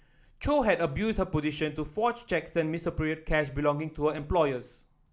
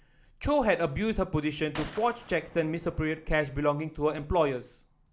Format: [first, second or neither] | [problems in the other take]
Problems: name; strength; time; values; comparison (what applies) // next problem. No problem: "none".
first | background sound (Gunshot, gunfire); 19 dB below the speech